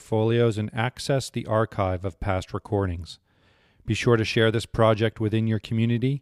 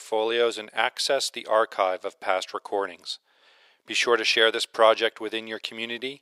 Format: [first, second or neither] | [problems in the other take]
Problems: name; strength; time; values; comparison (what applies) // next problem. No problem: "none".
first | thin; very; fading below 500 Hz